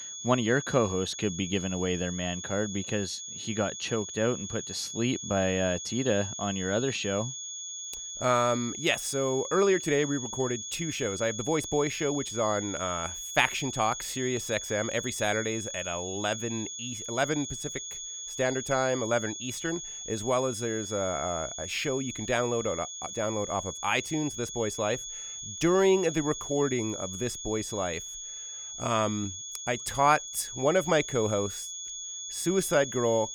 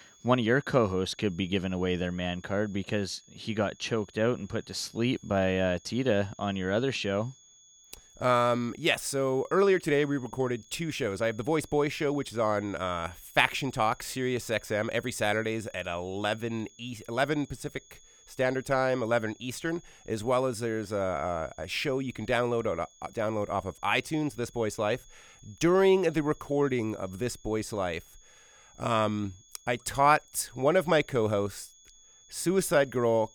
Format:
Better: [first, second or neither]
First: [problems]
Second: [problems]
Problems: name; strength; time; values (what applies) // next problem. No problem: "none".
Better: second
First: high-pitched whine; loud; throughout; 6.5 kHz, 7 dB below the speech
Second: high-pitched whine; faint; throughout; 6.5 kHz, 25 dB below the speech